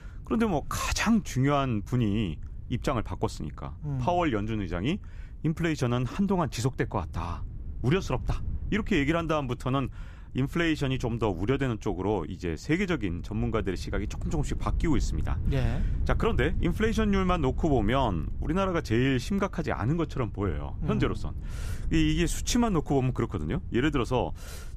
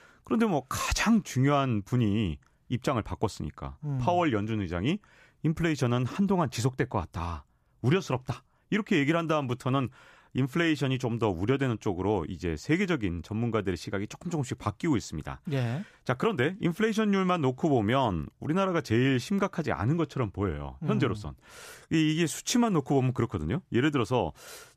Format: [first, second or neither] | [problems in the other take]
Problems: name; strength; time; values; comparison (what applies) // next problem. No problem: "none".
second | low rumble; faint; throughout; 25 dB below the speech